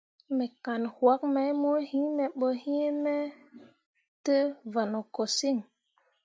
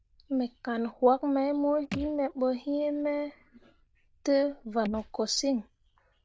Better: first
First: none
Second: noise reduction (neural diffusion model UNIVERSE++)

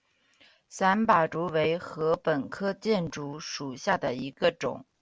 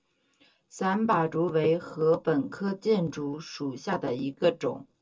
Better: first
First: none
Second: room echo; dies away in 0.2 s

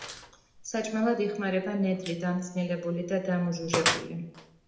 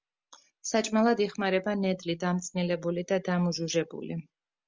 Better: second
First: background sound (Gunshot, gunfire); 7 dB below the speech // room echo; dies away in 0.8 s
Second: none

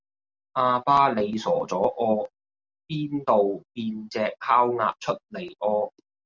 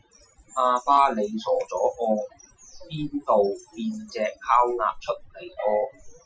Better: first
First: none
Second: noise reduction (classical method Wiener filter)

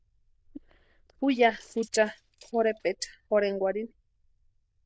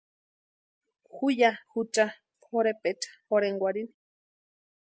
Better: second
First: noise reduction (neural diffusion model UNIVERSE++)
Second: none

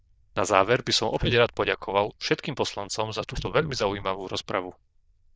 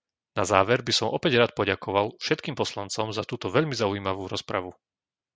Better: second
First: noise reduction (neural diffusion model UNIVERSE++)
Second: none

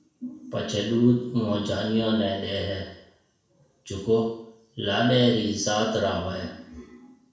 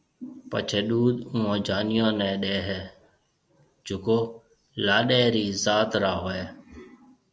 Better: second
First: room echo; dies away in 0.6 s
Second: none

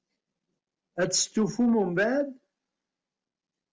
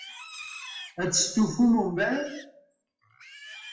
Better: first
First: none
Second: noise reduction (classical method WPE with log-MMSE)

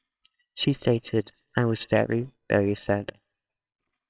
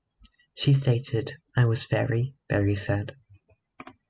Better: second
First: noise reduction (neural separator model SepFormer WHAMR!)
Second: none

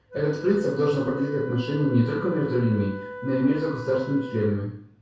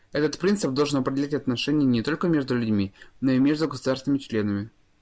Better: second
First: background sound (Wind instrument, woodwind instrument); 13 dB below the speech // room echo; dies away in 0.6 s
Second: none

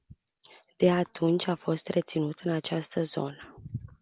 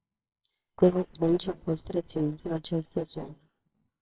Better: first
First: none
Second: noise reduction (neural separator model SepFormer WHAMR!)

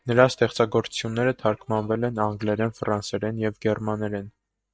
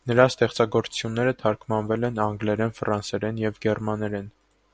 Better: second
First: noise reduction (neural mask model DeepFilterNet 3)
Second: none

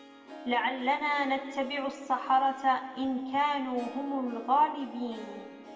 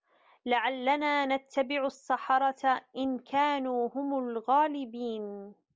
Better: second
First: background sound (Harp); 17 dB below the speech // room echo; dies away in 1.9 s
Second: none

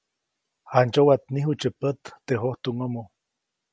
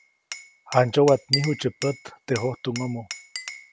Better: first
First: none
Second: background sound (Glass); 10 dB below the speech

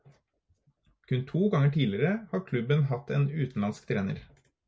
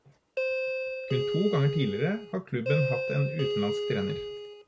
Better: first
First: none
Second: background sound (Doorbell); 2 dB below the speech

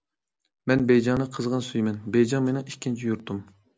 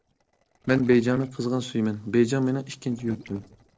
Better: first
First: none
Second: noise reduction (neural separator model SepFormer DNS4)

